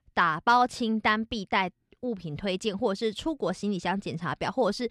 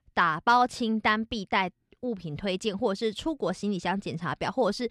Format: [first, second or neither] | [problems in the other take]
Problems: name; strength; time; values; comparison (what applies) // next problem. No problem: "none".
neither | none